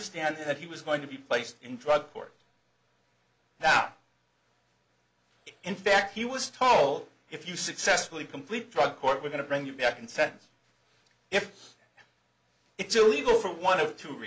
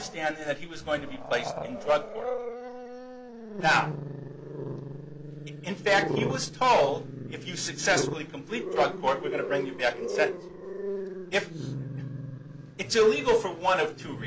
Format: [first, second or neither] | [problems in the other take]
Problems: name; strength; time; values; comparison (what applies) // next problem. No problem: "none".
first | background sound (Growling); 6 dB below the speech